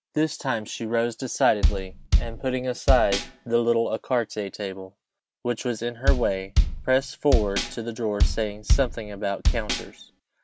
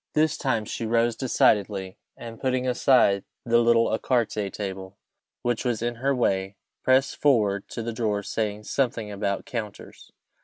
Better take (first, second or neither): second